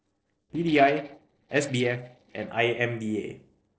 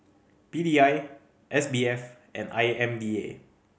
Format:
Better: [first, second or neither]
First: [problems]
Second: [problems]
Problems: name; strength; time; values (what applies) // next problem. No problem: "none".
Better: second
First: noise reduction (neural separator model SepFormer DNS4)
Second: none